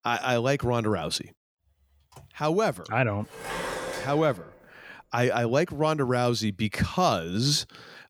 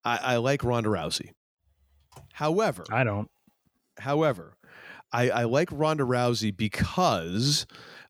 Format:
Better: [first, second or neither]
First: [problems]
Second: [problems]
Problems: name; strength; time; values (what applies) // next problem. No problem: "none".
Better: second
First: clattering dishes; noticeable; from 3.5 to 4.5 s; peak 6 dB below the speech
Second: none